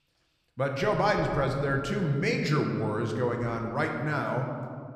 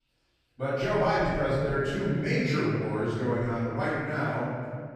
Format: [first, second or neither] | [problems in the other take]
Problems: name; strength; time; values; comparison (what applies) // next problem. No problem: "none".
first | room echo; strong; dies away in 2.1 s; slight in the first // off-mic speech; far